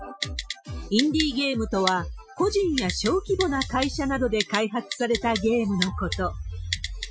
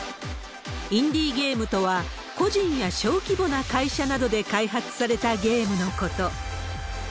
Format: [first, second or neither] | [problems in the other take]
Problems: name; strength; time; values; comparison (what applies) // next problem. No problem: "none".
second | noise reduction (classical method Wiener filter)